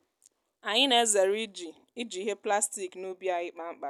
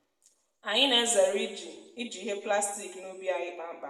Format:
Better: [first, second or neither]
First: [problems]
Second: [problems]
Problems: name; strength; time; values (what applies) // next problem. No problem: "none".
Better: first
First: none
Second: room echo; dies away in 0.9 s